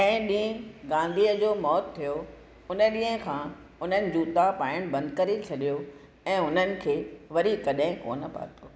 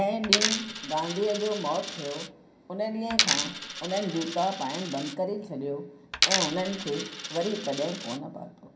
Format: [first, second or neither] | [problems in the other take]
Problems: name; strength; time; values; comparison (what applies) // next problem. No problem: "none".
first | background sound (Coin (dropping)); 1 dB below the speech // room echo; dies away in 0.3 s